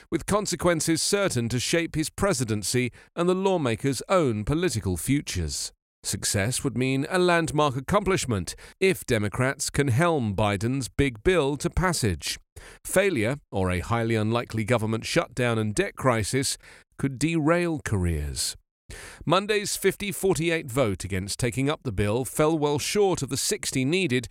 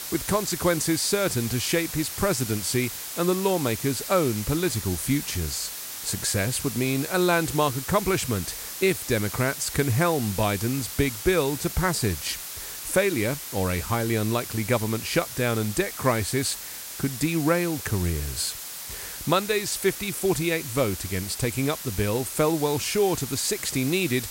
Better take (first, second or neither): first